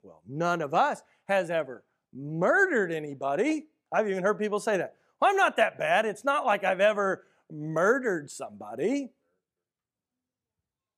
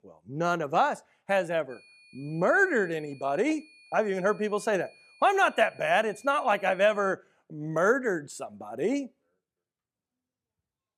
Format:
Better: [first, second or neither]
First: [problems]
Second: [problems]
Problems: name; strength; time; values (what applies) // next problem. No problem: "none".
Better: first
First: none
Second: high-pitched whine; faint; from 1.5 to 7 s; 2.5 kHz, 25 dB below the speech